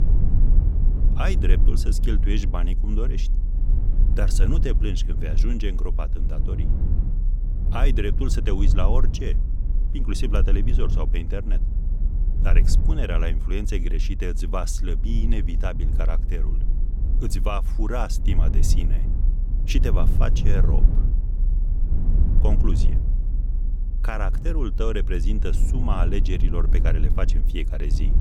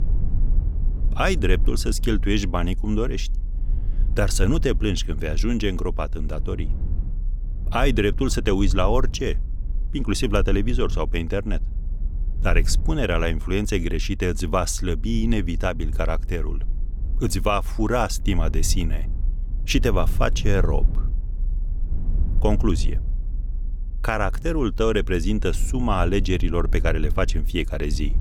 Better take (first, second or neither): second